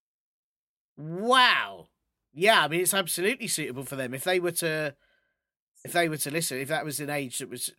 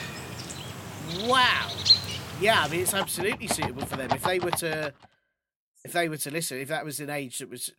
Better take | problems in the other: first | animal sounds; loud; until 4.5 s; 1 dB below the speech

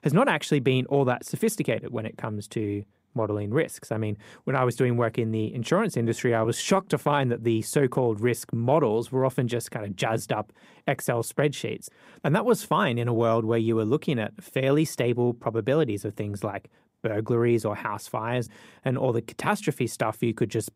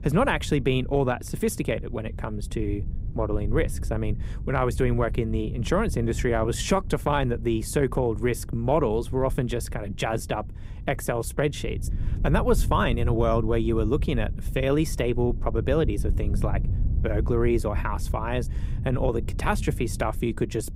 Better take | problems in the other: first | wind noise on the microphone; occasional gusts; 20 dB below the speech

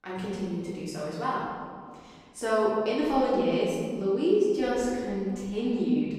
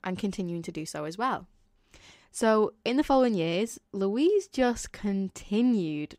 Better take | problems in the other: second | room echo; strong; dies away in 1.7 s // off-mic speech; far

